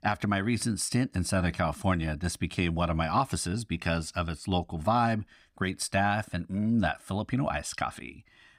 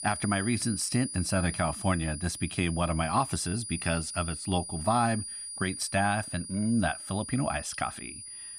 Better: first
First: none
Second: high-pitched whine; loud; throughout; 9.5 kHz, 8 dB below the speech

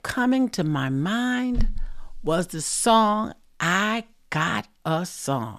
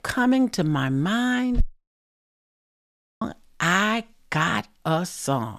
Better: first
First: none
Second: audio cutting out; at 1.5 s for 1.5 s

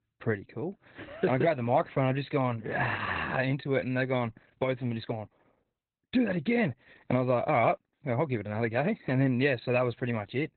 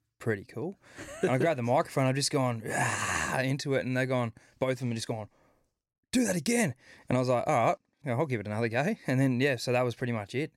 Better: second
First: garbled, watery; badly; nothing above 4 kHz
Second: none

